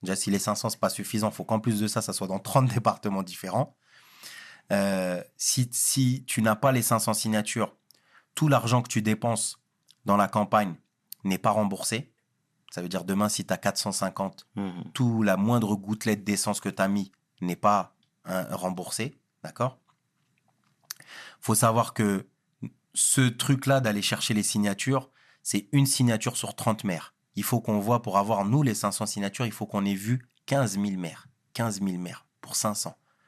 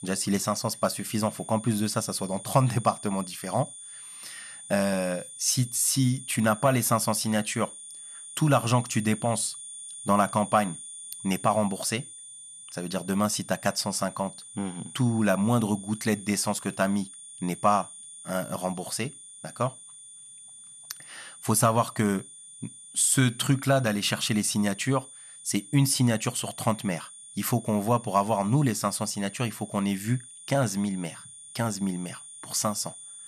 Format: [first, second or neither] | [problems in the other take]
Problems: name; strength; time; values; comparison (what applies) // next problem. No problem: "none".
first | high-pitched whine; noticeable; throughout; 9 kHz, 15 dB below the speech